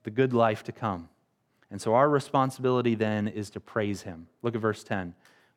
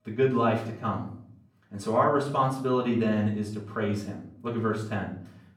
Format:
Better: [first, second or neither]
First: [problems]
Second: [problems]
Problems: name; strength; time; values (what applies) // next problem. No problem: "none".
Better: first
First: none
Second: off-mic speech; far // room echo; slight; dies away in 0.5 s